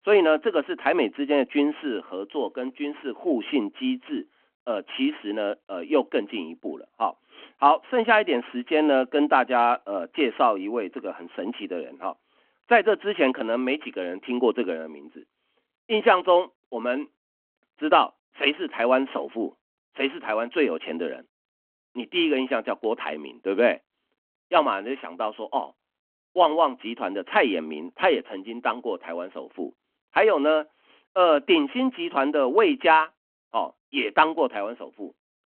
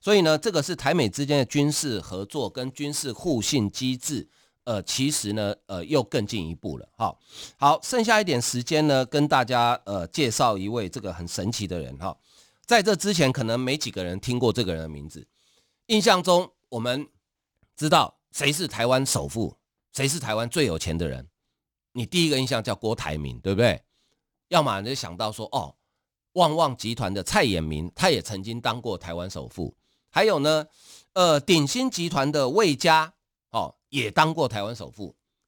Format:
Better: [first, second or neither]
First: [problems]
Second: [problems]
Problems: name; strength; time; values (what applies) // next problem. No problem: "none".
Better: second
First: phone-call audio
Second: none